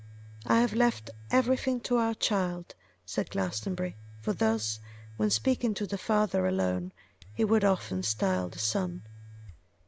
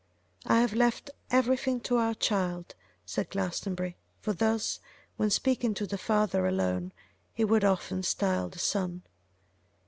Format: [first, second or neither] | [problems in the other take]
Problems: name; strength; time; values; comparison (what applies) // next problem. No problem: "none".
second | background sound (Domestic sounds, home sounds); 19 dB below the speech